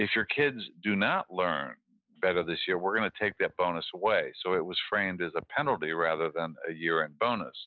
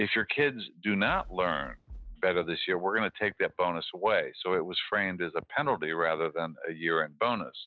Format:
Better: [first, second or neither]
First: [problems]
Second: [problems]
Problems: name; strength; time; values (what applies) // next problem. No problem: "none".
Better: first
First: none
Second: background sound (Fireworks); 16 dB below the speech